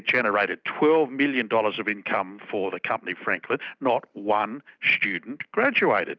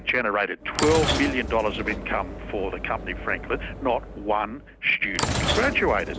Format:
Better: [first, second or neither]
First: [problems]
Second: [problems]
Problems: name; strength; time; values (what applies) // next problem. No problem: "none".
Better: first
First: none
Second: background sound (Sliding door / Train); 5 dB below the speech